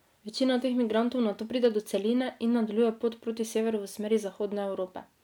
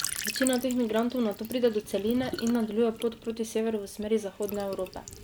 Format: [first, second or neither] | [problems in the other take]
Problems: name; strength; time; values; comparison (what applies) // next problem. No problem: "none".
first | background sound (Trickle, dribble / Sink (filling or washing)); 11 dB below the speech